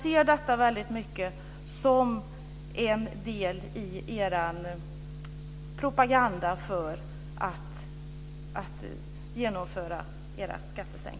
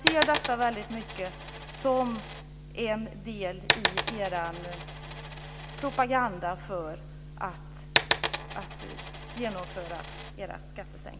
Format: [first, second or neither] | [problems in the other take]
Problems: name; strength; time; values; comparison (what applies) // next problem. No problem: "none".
first | background sound (Coin (dropping)); as loud as the speech